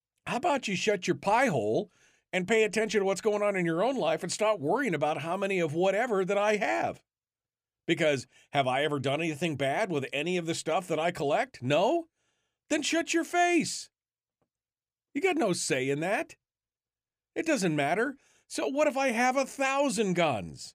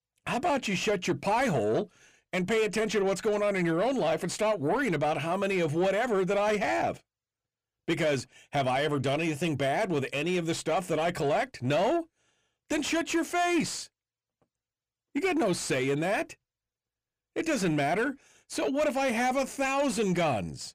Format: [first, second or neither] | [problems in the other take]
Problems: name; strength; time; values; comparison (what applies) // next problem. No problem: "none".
first | distortion; slight; 10 dB below the speech